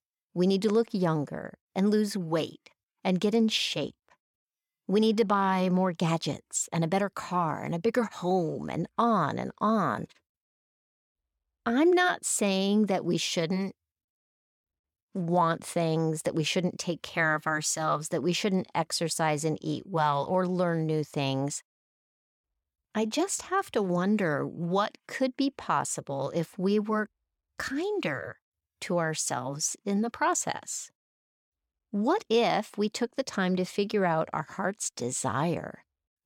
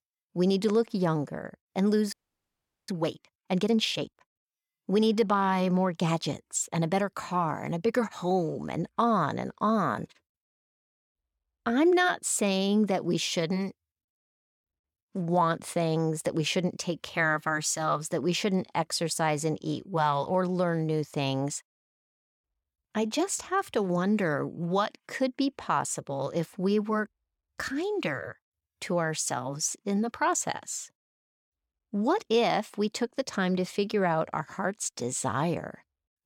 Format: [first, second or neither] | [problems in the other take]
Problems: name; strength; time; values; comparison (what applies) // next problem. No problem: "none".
first | audio freezing; at 2 s for 1 s